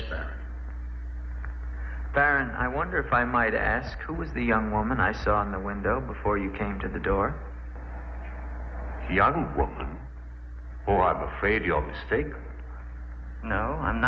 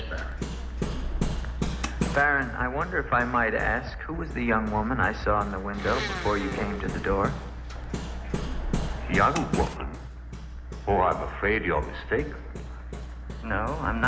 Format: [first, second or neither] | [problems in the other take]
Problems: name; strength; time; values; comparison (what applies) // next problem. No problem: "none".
first | background sound (Domestic sounds, home sounds + Hammer); 7 dB below the speech